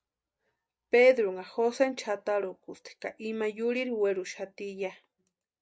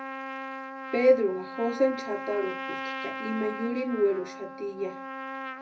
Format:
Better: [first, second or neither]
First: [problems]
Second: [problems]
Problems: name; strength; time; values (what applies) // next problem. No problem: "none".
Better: first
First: none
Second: background sound (Trumpet); 8 dB below the speech // room echo; dies away in 0.4 s